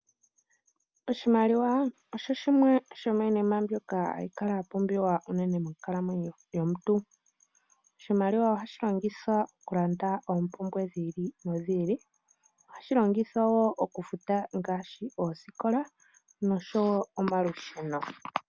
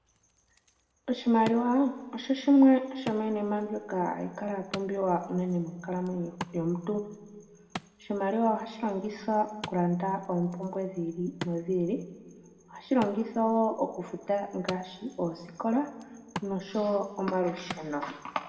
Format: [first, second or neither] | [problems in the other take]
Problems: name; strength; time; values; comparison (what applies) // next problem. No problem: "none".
first | background sound (Wood); 18 dB below the speech // room echo; dies away in 1.2 s